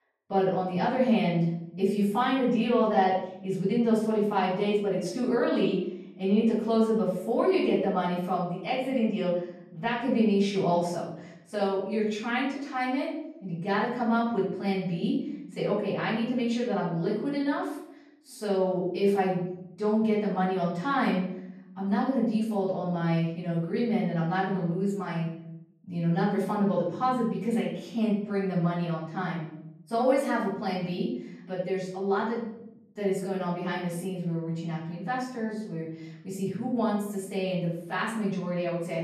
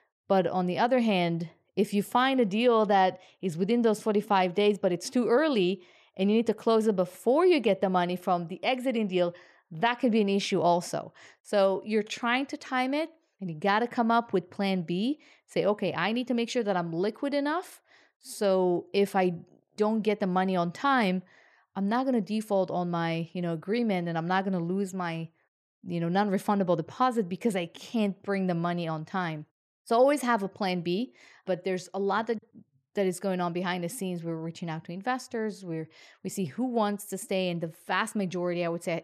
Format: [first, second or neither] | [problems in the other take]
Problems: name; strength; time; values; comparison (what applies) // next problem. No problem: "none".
second | off-mic speech; far // room echo; noticeable; dies away in 0.8 s